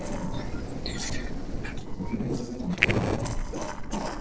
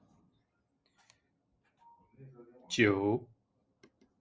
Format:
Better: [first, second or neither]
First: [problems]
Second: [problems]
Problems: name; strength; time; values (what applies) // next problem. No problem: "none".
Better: second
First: noise reduction (neural separator model SepFormer DNS4)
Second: none